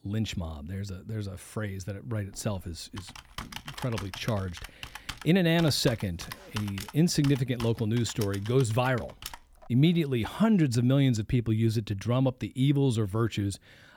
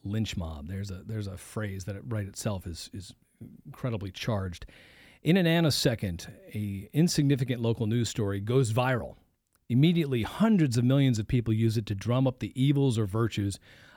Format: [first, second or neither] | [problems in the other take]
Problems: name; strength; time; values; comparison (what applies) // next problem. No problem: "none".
second | keyboard typing; faint; from 2.5 to 9.5 s; peak 10 dB below the speech